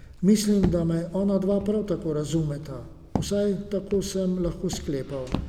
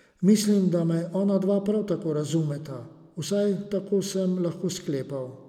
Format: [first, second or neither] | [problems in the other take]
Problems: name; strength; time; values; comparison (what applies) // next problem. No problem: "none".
second | background sound (Walk, footsteps); 10 dB below the speech